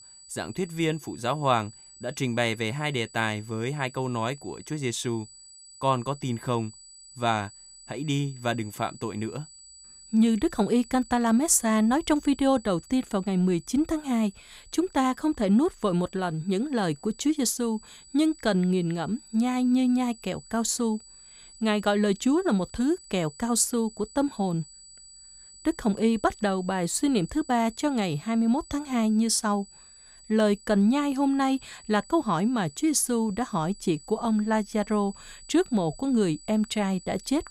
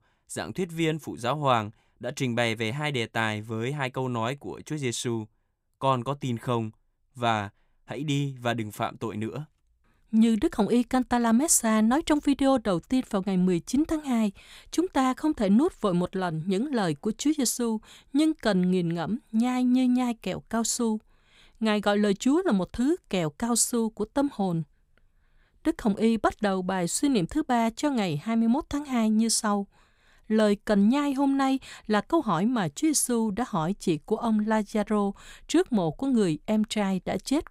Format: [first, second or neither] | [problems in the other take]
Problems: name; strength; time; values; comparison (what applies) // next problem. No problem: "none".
second | high-pitched whine; faint; throughout; 8 kHz, 20 dB below the speech